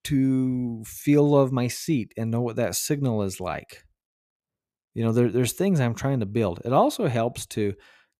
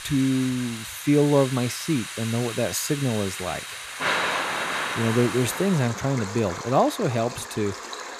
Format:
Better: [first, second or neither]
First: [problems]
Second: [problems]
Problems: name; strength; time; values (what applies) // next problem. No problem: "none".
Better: first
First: none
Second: rain or running water; loud; throughout; 6 dB below the speech